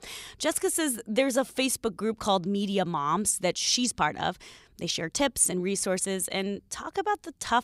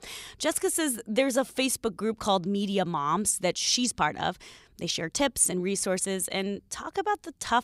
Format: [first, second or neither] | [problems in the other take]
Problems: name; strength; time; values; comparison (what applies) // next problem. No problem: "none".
neither | none